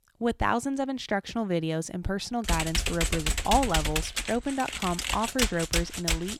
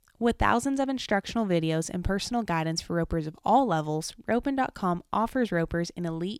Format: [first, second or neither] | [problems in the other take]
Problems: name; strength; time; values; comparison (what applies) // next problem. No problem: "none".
second | keyboard typing; loud; from 2.5 s on; peak 3 dB above the speech